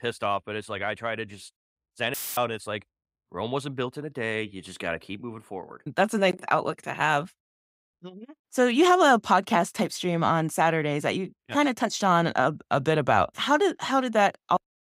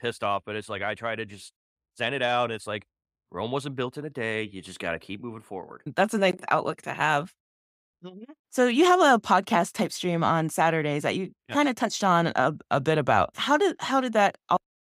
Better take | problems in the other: second | audio cutting out; filled with static; at 2 s

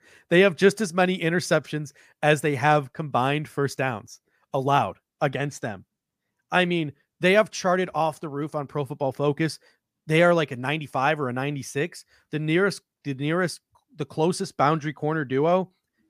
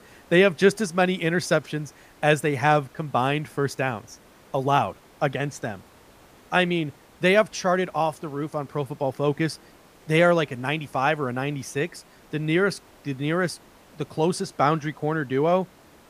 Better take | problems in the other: first | hiss; faint; throughout; 30 dB below the speech

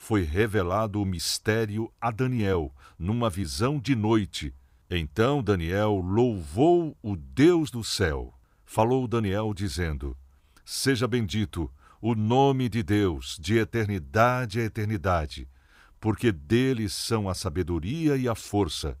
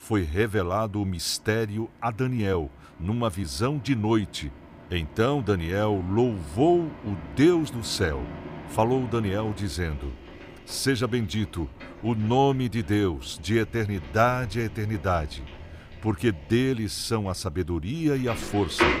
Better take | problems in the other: first | traffic noise; noticeable; throughout; 15 dB below the speech

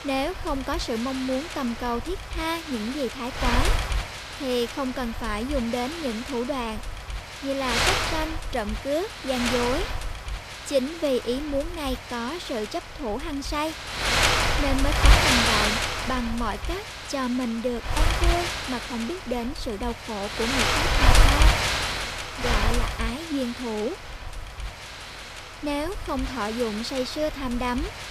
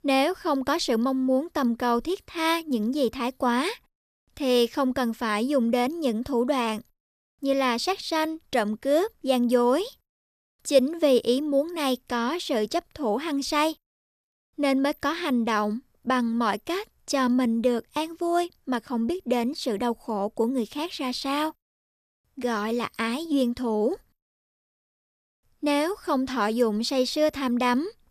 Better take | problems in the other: second | wind noise on the microphone; heavy; 3 dB above the speech

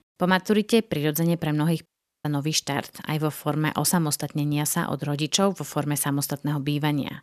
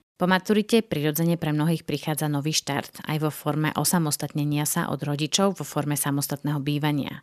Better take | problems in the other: second | audio cutting out; at 2 s

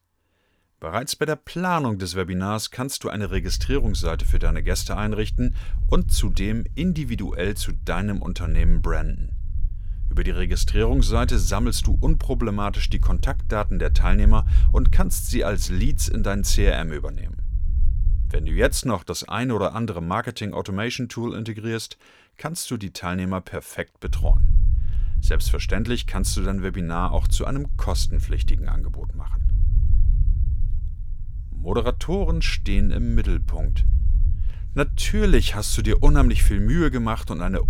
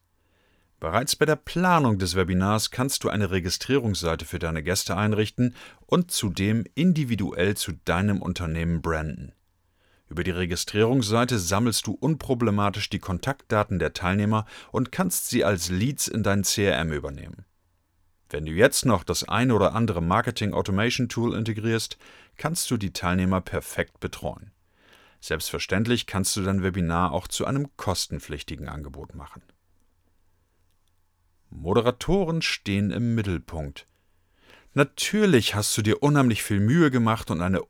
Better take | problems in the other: second | low rumble; noticeable; from 3.5 to 19 s and from 24 s on; 20 dB below the speech

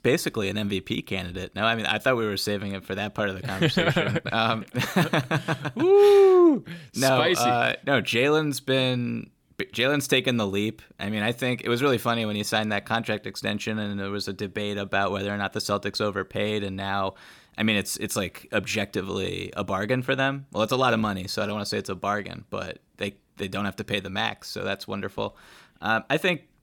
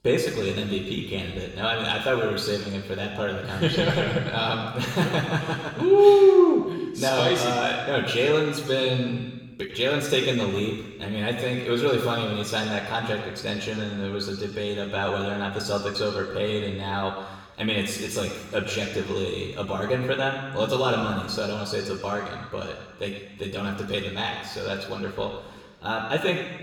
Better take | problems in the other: first | room echo; noticeable; dies away in 1.2 s // off-mic speech; somewhat distant

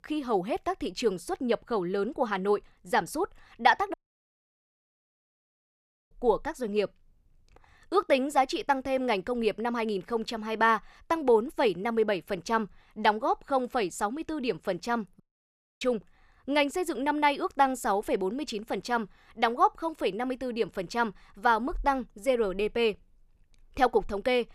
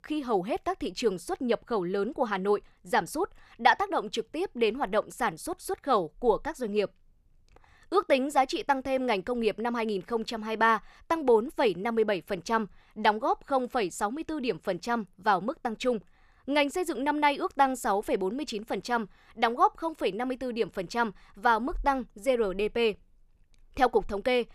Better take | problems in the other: second | audio cutting out; at 4 s for 2 s and at 15 s for 0.5 s

